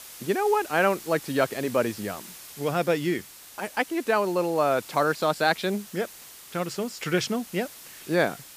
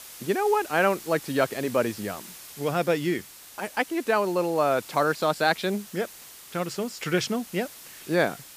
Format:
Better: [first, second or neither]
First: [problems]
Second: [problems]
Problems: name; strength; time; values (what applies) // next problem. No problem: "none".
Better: neither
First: hiss; noticeable; throughout; 15 dB below the speech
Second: hiss; noticeable; throughout; 15 dB below the speech